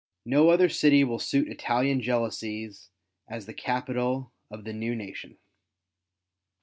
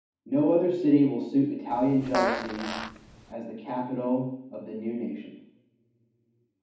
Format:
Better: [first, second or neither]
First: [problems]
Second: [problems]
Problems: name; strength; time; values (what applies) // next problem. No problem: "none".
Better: first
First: none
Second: background sound (Fart); 5 dB below the speech // room echo; dies away in 1.2 s